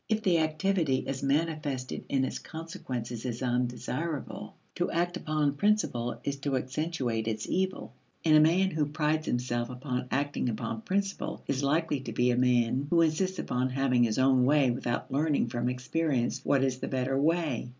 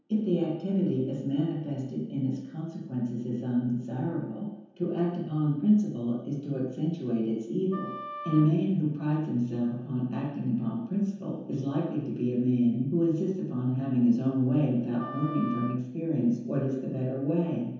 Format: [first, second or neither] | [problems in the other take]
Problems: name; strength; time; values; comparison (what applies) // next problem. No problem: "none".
first | background sound (Wind instrument, woodwind instrument); 13 dB below the speech // room echo; dies away in 0.9 s